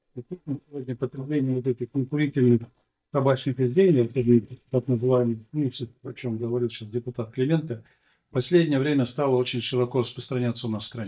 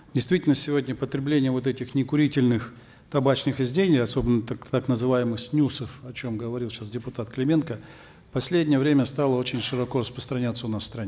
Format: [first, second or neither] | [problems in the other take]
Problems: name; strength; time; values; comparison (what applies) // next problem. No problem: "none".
second | noise reduction (neural mask model DeepFilterNet 3)